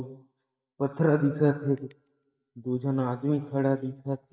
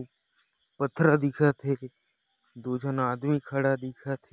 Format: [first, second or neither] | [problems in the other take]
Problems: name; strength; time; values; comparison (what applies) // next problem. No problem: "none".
second | noise reduction (neural mask model DeepFilterNet 3)